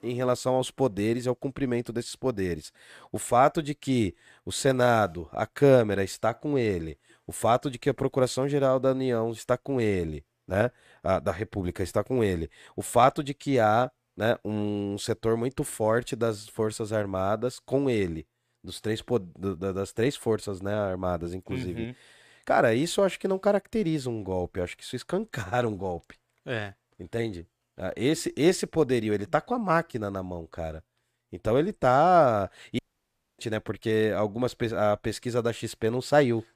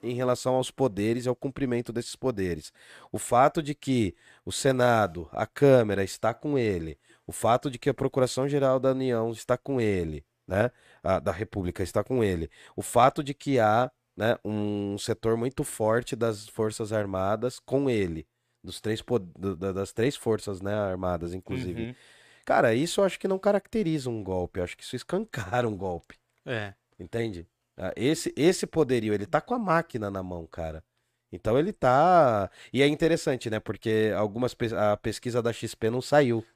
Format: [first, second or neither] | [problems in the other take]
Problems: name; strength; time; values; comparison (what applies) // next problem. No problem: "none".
second | audio cutting out; at 33 s for 0.5 s